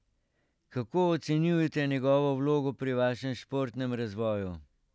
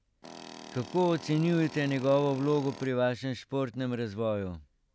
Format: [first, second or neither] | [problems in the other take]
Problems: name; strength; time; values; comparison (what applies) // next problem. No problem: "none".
first | background sound (Tools); 16 dB below the speech